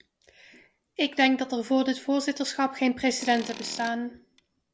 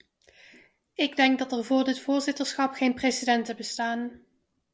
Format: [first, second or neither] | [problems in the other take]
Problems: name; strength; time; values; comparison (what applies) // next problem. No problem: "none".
second | background sound (Tools); 16 dB below the speech